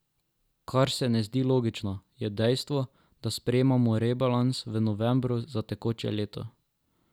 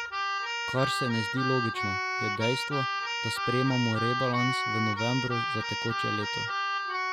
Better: first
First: none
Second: background sound (Keyboard (musical)); 1 dB above the speech

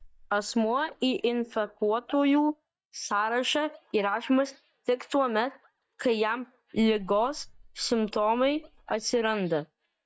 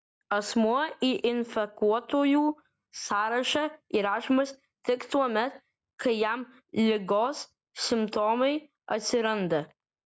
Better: second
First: noise reduction (neural mask model DeepFilterNet 3)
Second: none

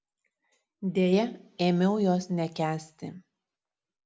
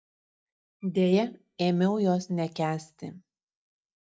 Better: first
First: none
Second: noise reduction (neural mask model DeepFilterNet 3)

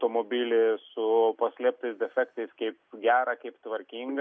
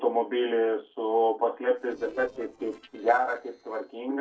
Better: first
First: none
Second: noise reduction (neural separator model SepFormer DNS4)

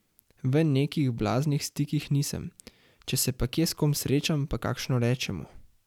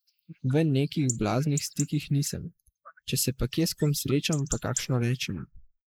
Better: first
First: none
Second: noise reduction (neural mask model Resemble Enhance denoiser)

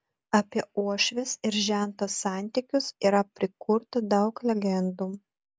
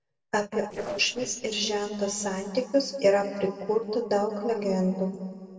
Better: first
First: none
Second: noise reduction (neural separator model SepFormer DNS4)

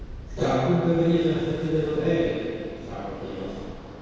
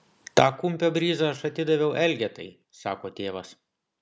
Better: second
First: background sound (Waves, surf); 13 dB below the speech // room echo; dies away in 2 s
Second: none

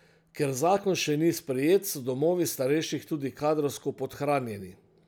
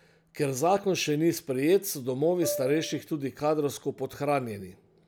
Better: first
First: none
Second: background sound (Piano); 7 dB below the speech

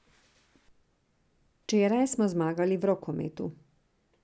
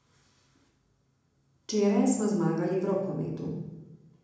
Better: first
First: none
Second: room echo; dies away in 0.9 s

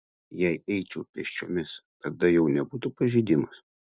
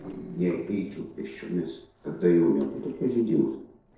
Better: first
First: none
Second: noise reduction (neural separator model SepFormer DNS4)

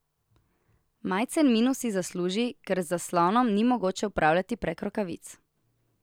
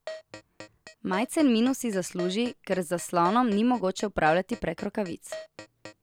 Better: first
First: none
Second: background sound (Keyboard (musical)); 16 dB below the speech

